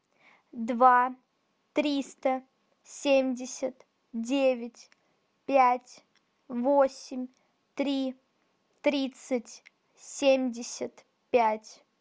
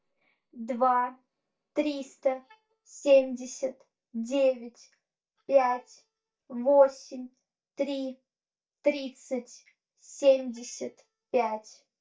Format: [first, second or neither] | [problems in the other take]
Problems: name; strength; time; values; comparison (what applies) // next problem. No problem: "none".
first | noise reduction (neural mask model DeepFilterNet 3)